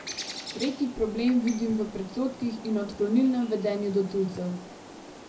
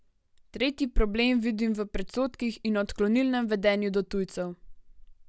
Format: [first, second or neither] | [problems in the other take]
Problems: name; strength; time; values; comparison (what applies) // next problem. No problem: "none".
second | background sound (Bird); 14 dB below the speech // room echo; dies away in 0.4 s